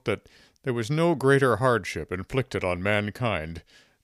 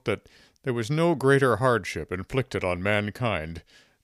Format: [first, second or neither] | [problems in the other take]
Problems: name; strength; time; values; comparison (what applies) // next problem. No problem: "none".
neither | none